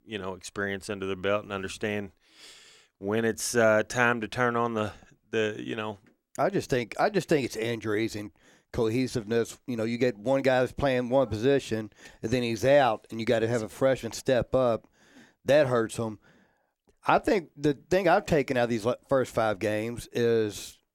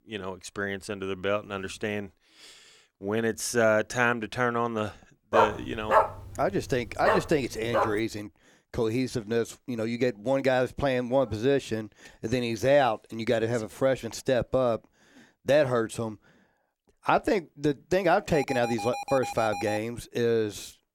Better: first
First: none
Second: dog barking; loud; from 5.5 to 8 s; peak 4 dB above the speech // alarm; noticeable; from 18 to 20 s; peak 7 dB below the speech

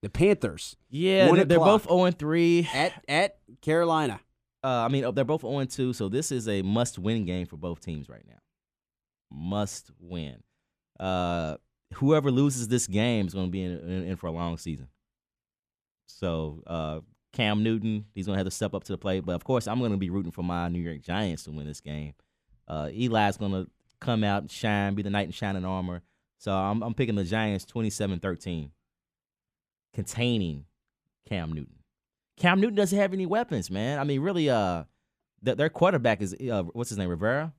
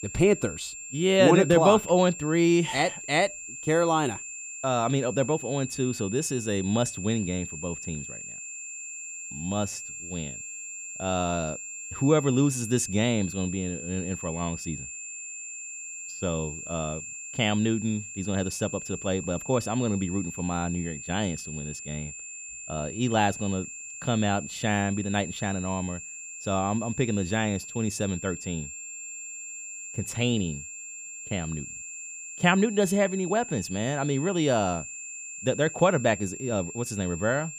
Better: first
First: none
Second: high-pitched whine; loud; throughout; 7.5 kHz, 10 dB below the speech

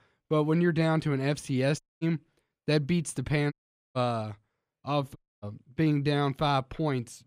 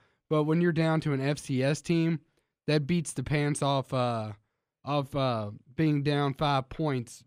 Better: second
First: audio cutting out; at 2 s, at 3.5 s and at 5 s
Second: none

